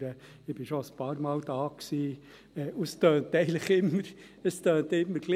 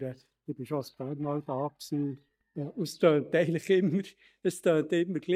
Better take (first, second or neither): first